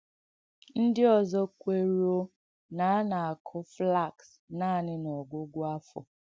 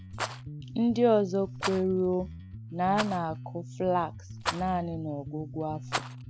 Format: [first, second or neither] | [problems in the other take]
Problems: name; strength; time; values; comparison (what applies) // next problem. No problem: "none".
first | background sound (Bass guitar + Rattle); 9 dB below the speech